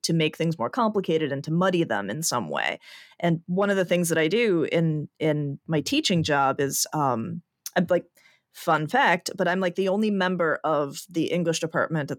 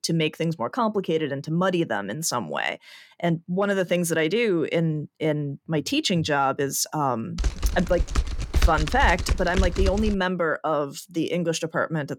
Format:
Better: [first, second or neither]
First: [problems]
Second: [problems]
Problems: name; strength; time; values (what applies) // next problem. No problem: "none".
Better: first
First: none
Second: keyboard typing; loud; from 7.5 to 10 s; peak level with the speech